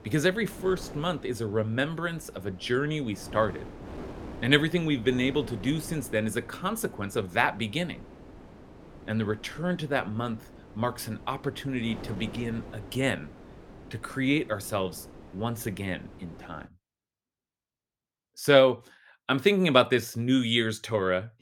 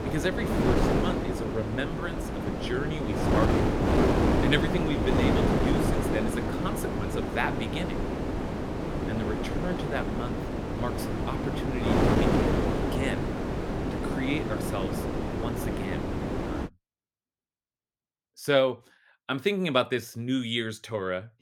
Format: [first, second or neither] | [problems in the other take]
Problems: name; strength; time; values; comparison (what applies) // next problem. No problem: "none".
first | wind noise on the microphone; heavy; until 17 s; 1 dB above the speech; occasional gusts in the first